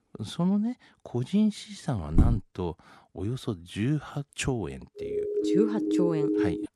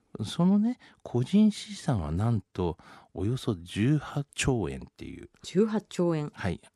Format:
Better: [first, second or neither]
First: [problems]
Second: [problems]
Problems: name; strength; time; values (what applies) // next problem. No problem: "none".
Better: second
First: footsteps; loud; at 2 s; peak 5 dB above the speech // siren; loud; from 5 s on; peak 4 dB above the speech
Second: none